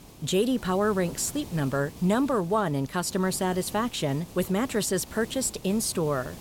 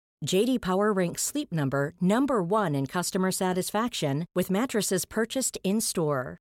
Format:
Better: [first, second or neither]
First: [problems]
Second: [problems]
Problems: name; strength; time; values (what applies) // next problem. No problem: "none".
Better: second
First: hiss; noticeable; throughout; 15 dB below the speech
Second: none